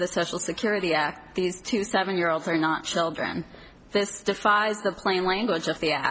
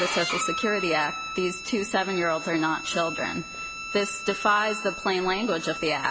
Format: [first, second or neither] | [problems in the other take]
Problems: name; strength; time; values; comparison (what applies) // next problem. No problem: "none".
first | background sound (Bowed string instrument); 7 dB below the speech